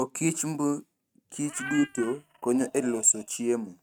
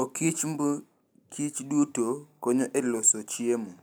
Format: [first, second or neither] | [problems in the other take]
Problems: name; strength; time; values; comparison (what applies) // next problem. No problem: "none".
second | noise reduction (neural mask model RNNoise)